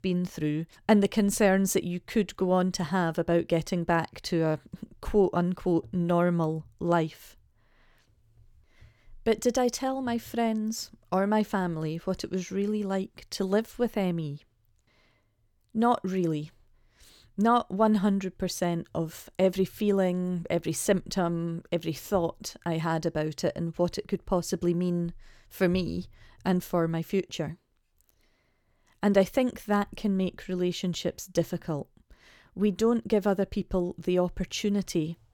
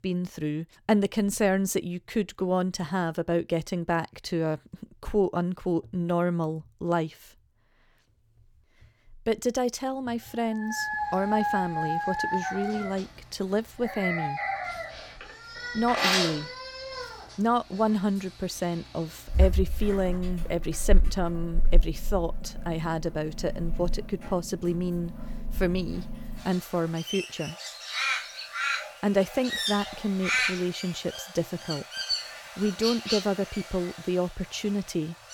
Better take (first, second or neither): first